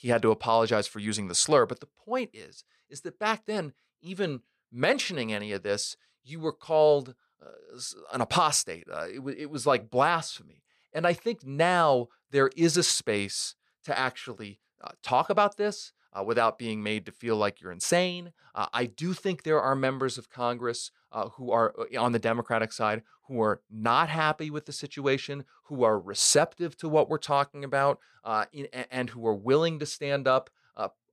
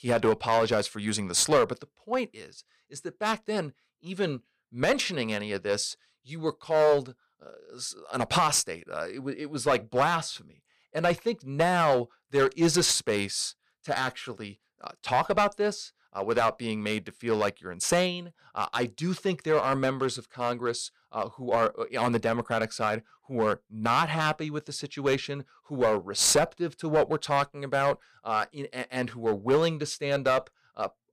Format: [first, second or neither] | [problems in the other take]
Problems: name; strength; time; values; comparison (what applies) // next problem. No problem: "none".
first | distortion; slight; 3% of the sound clipped